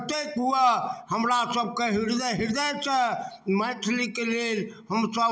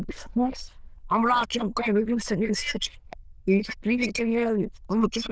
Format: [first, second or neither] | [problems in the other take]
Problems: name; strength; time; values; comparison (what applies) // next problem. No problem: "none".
first | noise reduction (neural diffusion model UNIVERSE++)